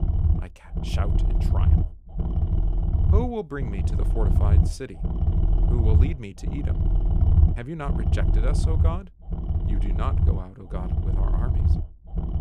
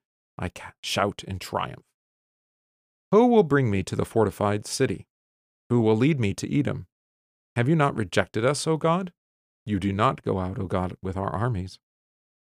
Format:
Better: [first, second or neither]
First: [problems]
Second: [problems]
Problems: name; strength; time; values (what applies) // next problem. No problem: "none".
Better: second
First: low rumble; loud; throughout; 3 dB below the speech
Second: none